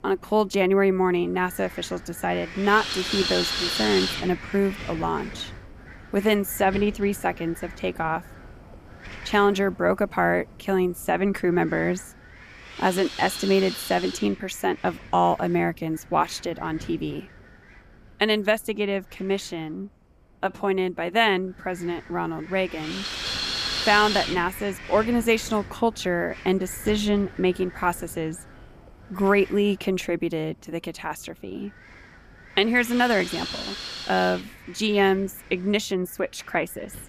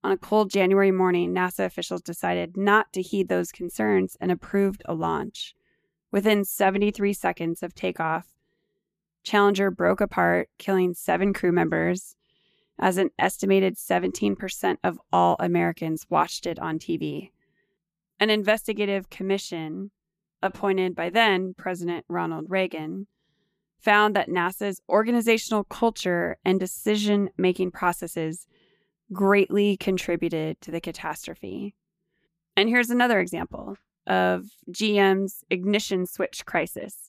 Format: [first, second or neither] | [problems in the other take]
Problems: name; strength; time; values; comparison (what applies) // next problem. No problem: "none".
second | wind noise on the microphone; heavy; 7 dB below the speech